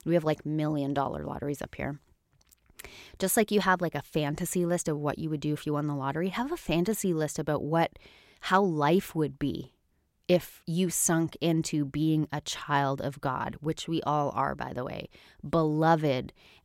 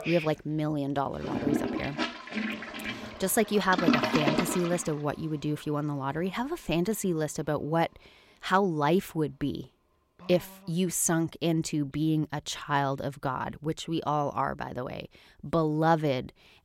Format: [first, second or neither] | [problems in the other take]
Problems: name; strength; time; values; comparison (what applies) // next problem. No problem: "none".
first | household noises; loud; throughout; 2 dB below the speech